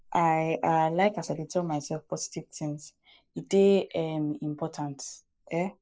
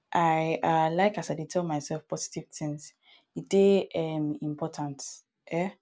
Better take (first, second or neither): second